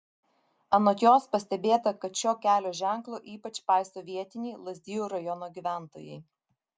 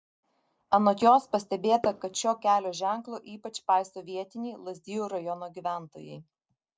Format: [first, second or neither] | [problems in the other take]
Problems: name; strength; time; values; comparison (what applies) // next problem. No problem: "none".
first | noise reduction (neural separator model SepFormer DNS4)